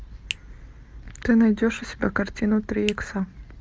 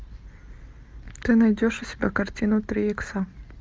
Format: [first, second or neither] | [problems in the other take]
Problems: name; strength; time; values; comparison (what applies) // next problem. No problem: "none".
second | background sound (Finger snapping); 13 dB below the speech